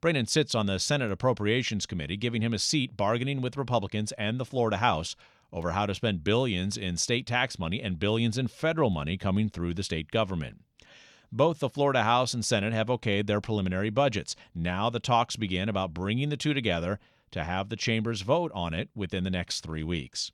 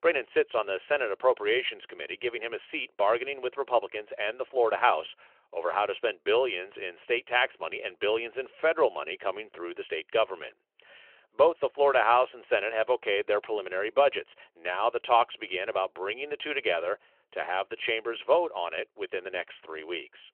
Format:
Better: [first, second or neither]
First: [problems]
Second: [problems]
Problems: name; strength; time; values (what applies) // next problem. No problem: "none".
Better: first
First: none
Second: phone-call audio; nothing above 3 kHz